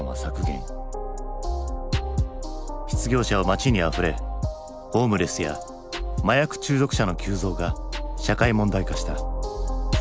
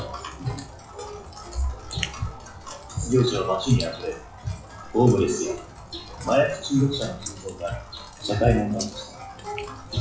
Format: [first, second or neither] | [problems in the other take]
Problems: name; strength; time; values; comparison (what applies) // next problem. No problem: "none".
first | noise reduction (classical method WPE with log-MMSE)